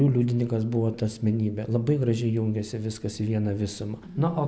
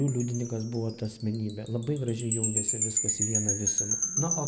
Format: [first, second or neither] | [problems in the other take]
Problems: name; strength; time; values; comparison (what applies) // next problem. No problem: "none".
first | background sound (Wind chime); as loud as the speech